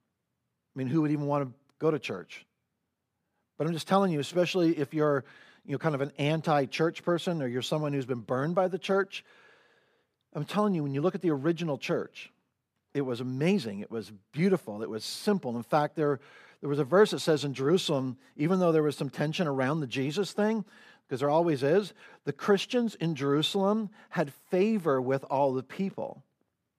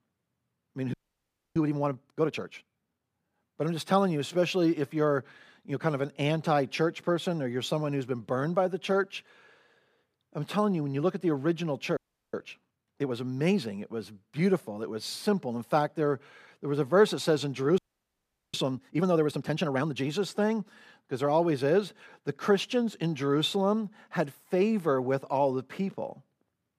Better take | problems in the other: first | audio freezing; at 1 s for 0.5 s, at 12 s and at 18 s for 1 s

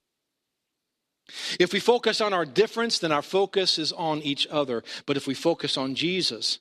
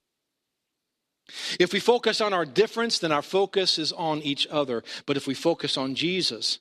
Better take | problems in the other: neither | none

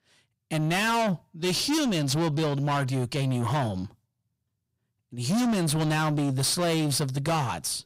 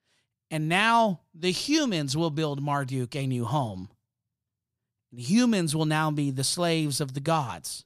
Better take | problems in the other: second | distortion; heavy; 6 dB below the speech

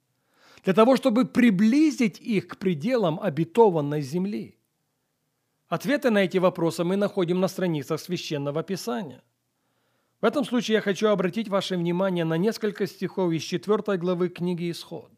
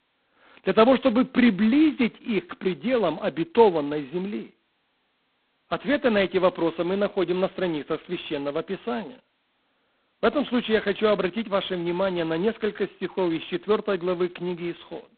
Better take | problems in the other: first | phone-call audio; poor line; nothing above 4 kHz

